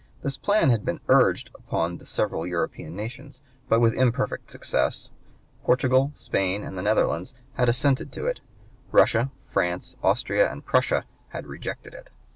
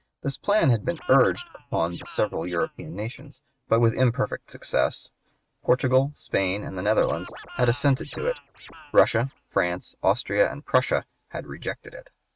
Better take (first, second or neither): first